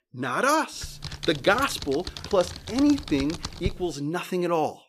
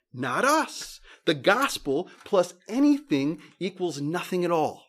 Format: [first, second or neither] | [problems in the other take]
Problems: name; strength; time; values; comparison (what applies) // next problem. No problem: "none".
second | keyboard typing; noticeable; from 1 to 3.5 s; peak 7 dB below the speech